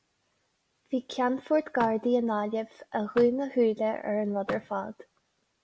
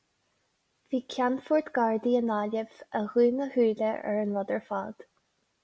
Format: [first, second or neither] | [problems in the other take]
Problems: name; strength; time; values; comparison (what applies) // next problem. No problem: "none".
second | background sound (Vehicle); 16 dB below the speech